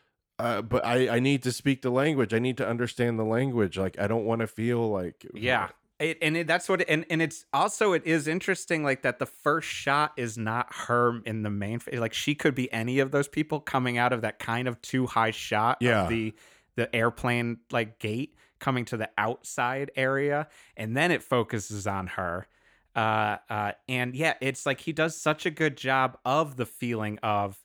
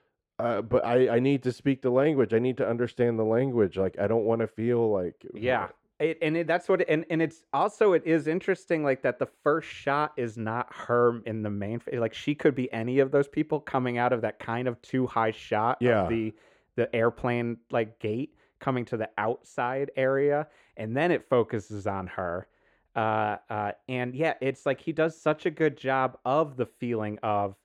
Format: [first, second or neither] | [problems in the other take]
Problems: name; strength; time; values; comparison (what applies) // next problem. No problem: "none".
first | muffled; slightly; fading above 2 kHz